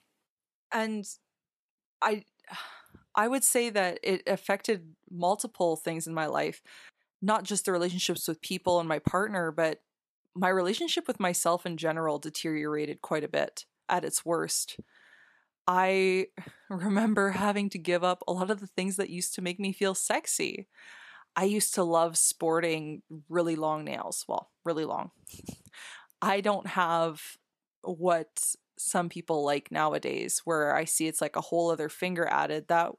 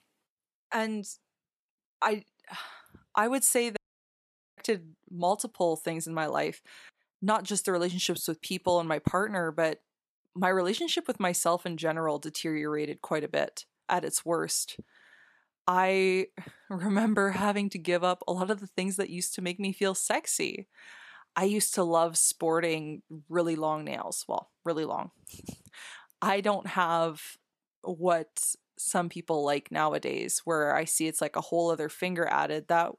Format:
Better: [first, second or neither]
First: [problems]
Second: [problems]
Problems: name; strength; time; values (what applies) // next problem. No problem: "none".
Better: first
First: none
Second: audio cutting out; at 4 s for 1 s